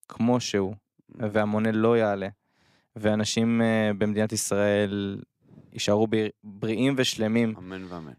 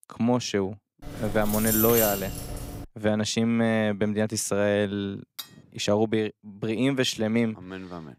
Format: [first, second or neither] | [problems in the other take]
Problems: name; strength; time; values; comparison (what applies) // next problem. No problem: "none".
first | jangling keys; loud; from 1 to 3 s; peak 3 dB above the speech // clattering dishes; faint; at 5.5 s; peak 15 dB below the speech